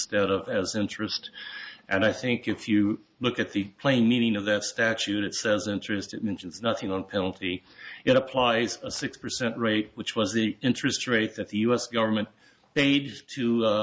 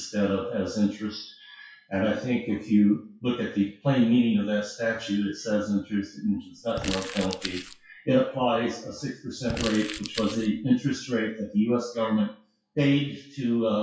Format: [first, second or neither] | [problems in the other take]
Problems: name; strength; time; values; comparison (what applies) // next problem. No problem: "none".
first | noise reduction (classical method WPE with log-MMSE)